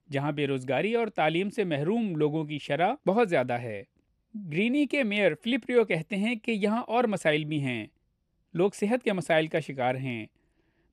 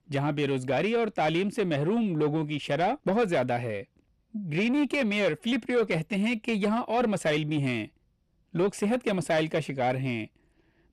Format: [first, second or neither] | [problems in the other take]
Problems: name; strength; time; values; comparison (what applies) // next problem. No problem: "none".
first | distortion; slight; 10 dB below the speech